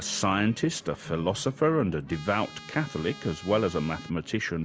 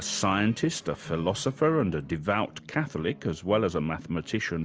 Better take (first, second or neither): second